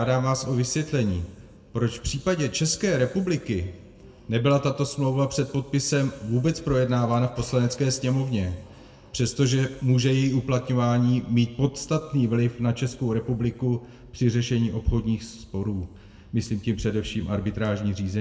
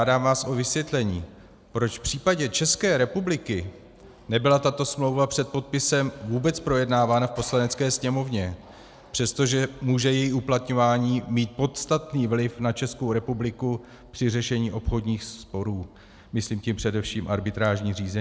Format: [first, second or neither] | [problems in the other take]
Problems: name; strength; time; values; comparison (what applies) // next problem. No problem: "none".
second | room echo; dies away in 0.9 s